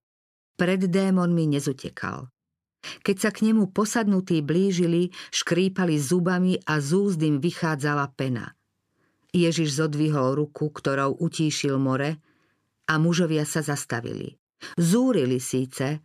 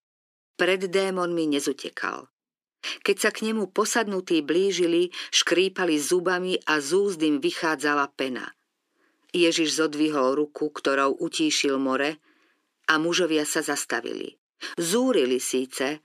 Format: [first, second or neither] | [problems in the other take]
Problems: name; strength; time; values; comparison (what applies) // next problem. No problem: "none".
first | thin; somewhat; fading below 300 Hz